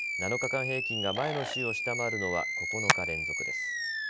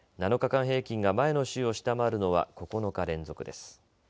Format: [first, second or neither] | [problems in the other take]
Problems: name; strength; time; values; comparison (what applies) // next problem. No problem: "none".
second | background sound (Hands + Animal); 3 dB above the speech